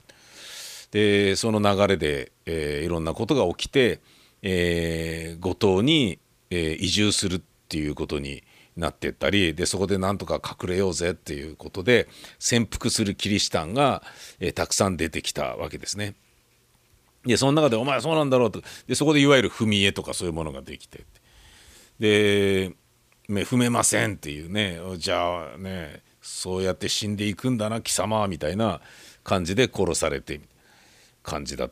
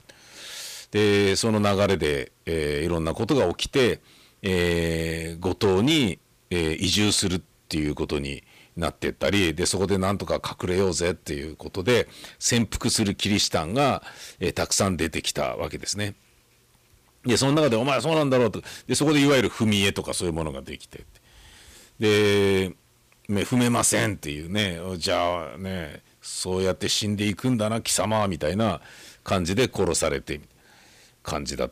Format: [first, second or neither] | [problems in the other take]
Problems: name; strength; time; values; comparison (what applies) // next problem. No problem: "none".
first | distortion; slight; 5% of the sound clipped